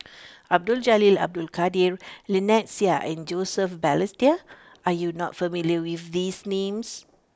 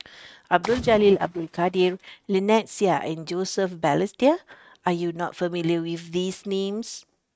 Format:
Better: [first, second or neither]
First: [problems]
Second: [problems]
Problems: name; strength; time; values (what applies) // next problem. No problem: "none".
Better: first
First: none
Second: noise reduction (neural mask model RNNoise)